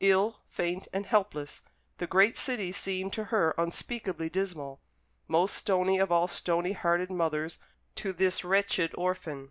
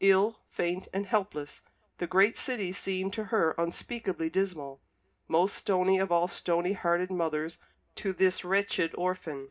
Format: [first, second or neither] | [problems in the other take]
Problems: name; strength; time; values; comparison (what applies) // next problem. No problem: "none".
first | room echo; dies away in 0.3 s